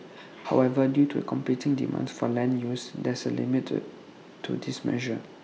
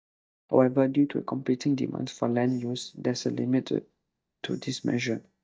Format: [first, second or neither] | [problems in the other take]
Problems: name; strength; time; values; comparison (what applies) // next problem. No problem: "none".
first | noise reduction (neural mask model DeepFilterNet 3)